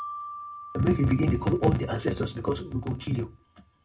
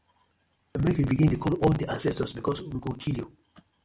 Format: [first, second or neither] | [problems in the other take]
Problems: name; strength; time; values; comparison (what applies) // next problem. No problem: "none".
second | background sound (Marimba, xylophone); 16 dB below the speech // room echo; dies away in 0.2 s